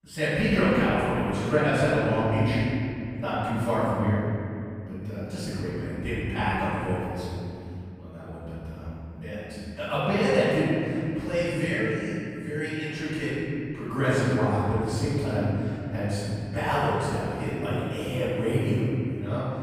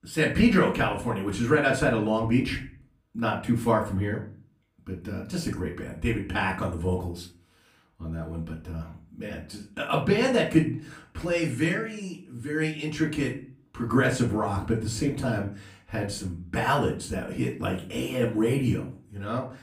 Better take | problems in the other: second | room echo; strong; dies away in 3 s; slight in the second // off-mic speech; far; far in the second

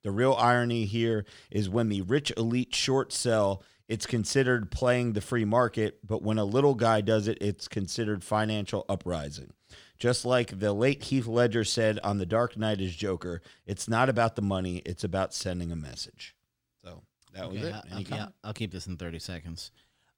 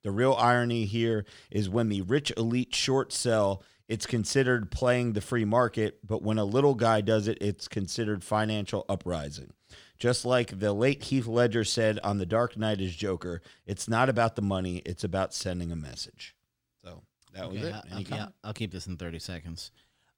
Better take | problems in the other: neither | none

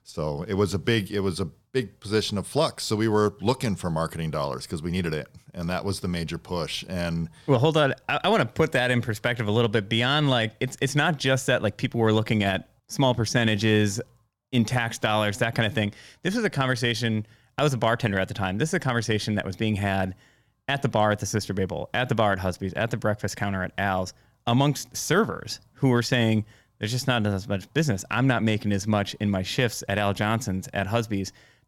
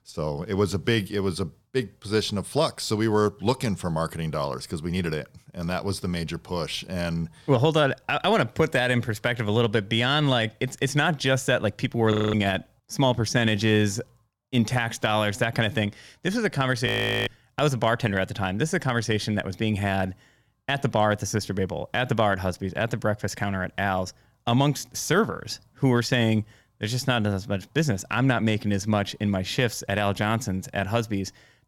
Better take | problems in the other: first | audio freezing; at 12 s and at 17 s

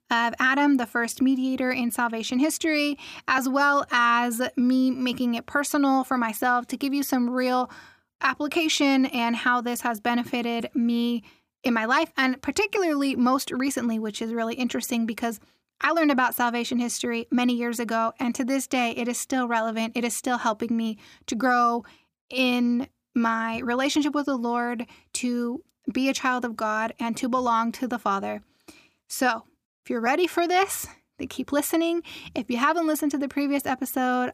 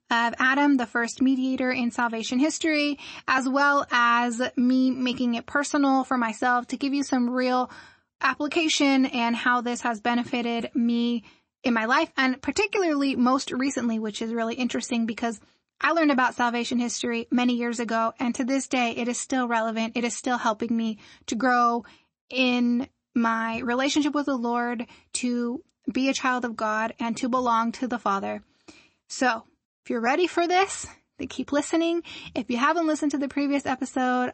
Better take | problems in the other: first | garbled, watery; slightly; nothing above 8 kHz

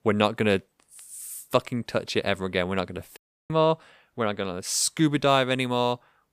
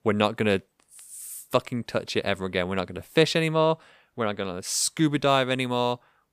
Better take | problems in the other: second | audio cutting out; at 3 s

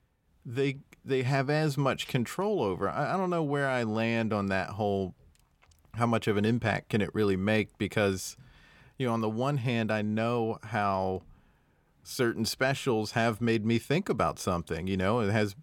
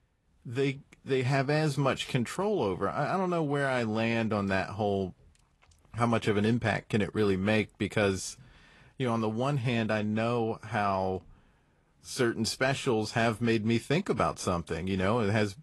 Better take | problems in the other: first | garbled, watery; slightly; nothing above 11.5 kHz

